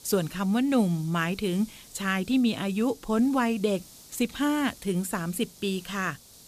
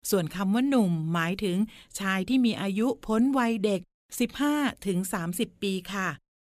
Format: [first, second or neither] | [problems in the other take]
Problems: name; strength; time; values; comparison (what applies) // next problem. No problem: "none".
second | hiss; faint; throughout; 20 dB below the speech